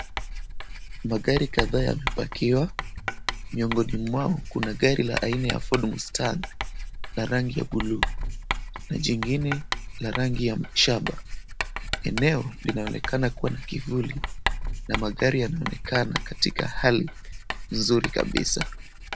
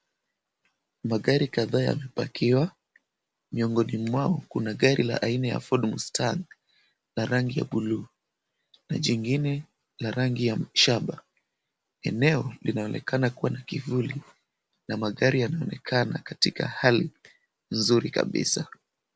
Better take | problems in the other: second | background sound (Writing); 4 dB below the speech

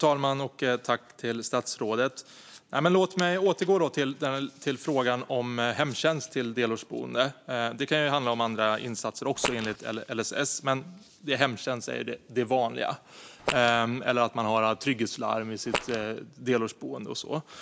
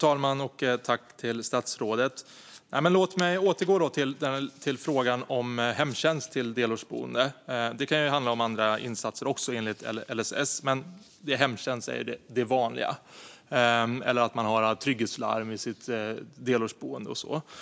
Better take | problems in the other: second | background sound (Fart); 5 dB below the speech

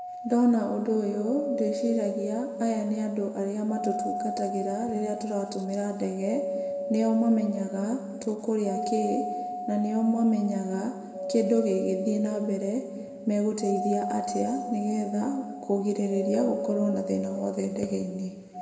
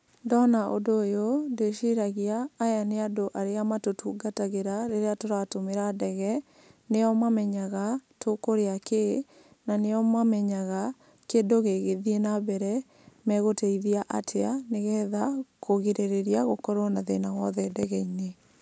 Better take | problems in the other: second | background sound (Doorbell); 7 dB below the speech // room echo; dies away in 1.7 s

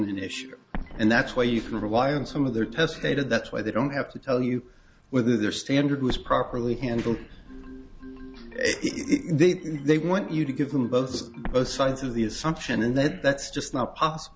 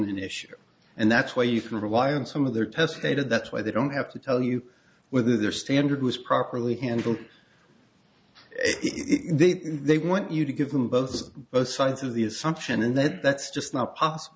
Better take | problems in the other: second | background sound (Explosion + Marimba, xylophone); 15 dB below the speech

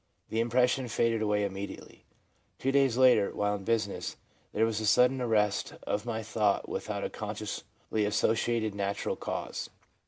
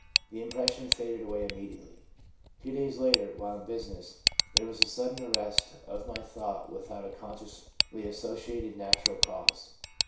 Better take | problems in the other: first | background sound (Tick); 3 dB above the speech // room echo; dies away in 0.6 s

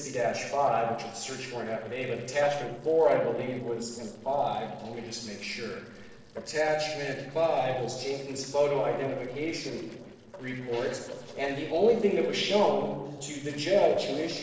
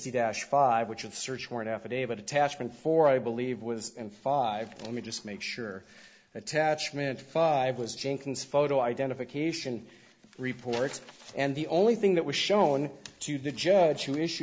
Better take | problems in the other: second | noise reduction (neural separator model SepFormer DNS4)

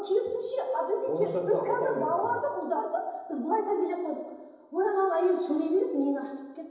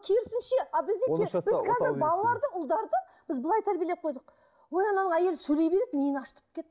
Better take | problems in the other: second | room echo; dies away in 1 s

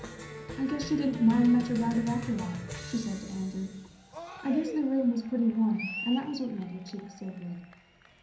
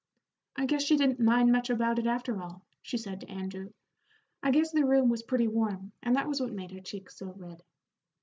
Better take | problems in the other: second | background sound (Cheering); 12 dB below the speech // room echo; dies away in 0.6 s

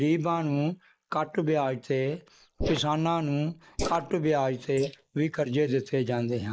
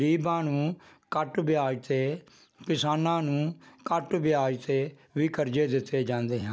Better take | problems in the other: second | noise reduction (neural mask model Resemble Enhance denoiser)

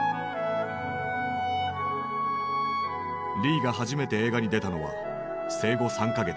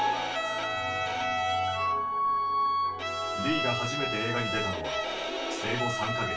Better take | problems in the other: first | background sound (Bowed string instrument); 3 dB below the speech // room echo; dies away in 0.1 s

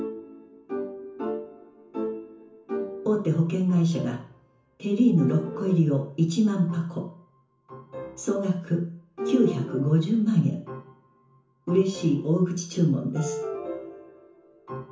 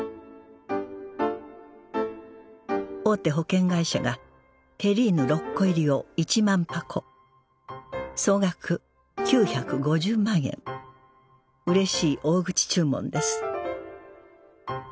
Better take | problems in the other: second | room echo; dies away in 0.6 s

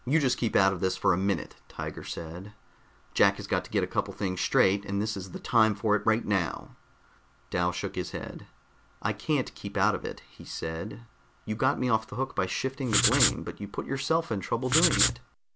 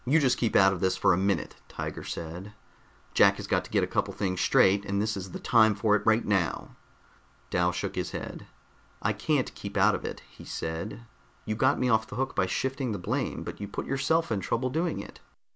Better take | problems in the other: second | background sound (Writing); 2 dB above the speech

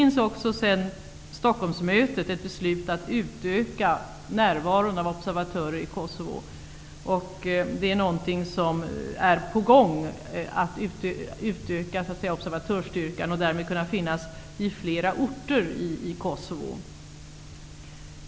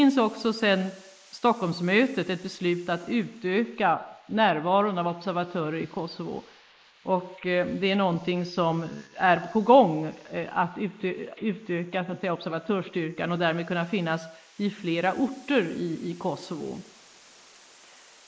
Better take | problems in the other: first | noise reduction (neural mask model Resemble Enhance denoiser)

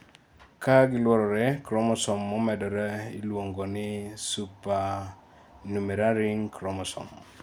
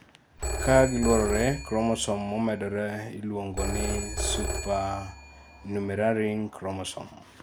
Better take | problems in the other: first | background sound (Telephone); 6 dB below the speech

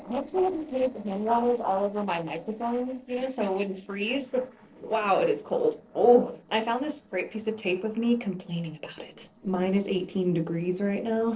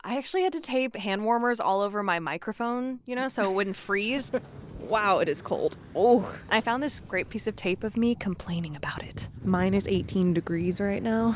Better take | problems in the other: second | noise reduction (neural separator model SepFormer DNS4)

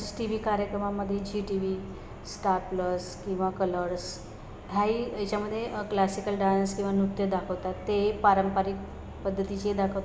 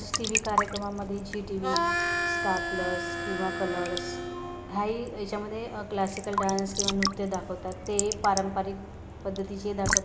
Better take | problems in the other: first | background sound (Raindrop / Drip / Trickle, dribble + Harmonica); 1 dB below the speech

